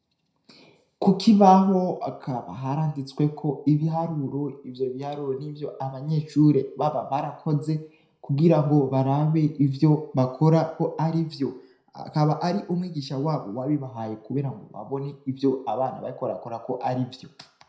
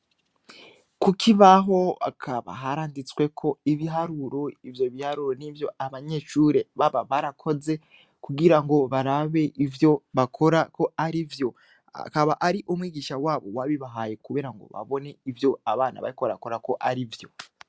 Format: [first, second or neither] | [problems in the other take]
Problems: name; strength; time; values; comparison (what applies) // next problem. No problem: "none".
second | room echo; dies away in 0.4 s